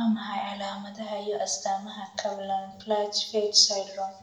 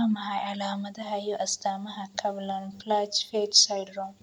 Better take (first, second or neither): second